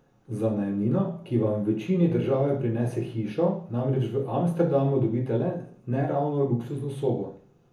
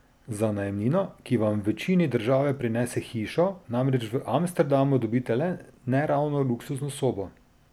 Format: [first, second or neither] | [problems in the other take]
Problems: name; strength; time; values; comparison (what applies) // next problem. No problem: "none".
second | room echo; dies away in 0.7 s